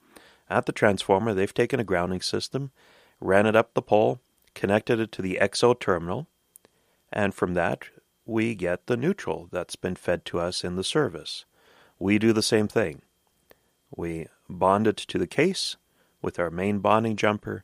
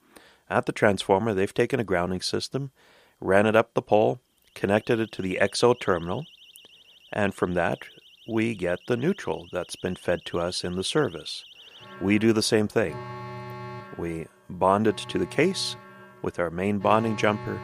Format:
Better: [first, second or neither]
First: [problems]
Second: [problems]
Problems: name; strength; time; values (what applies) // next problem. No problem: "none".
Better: first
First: none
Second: alarms or sirens; noticeable; from 5 s on; 20 dB below the speech